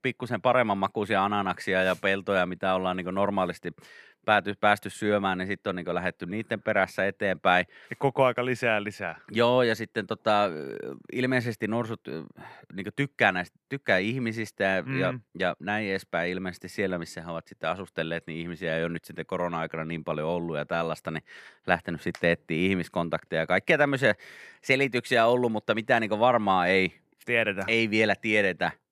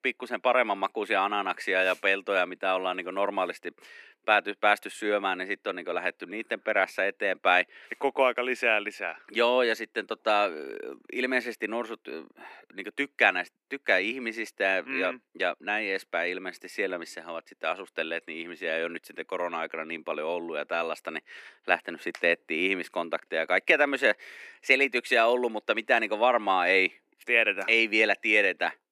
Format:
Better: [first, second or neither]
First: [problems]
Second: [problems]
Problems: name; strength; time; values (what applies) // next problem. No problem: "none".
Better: first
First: none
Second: thin; somewhat; fading below 250 Hz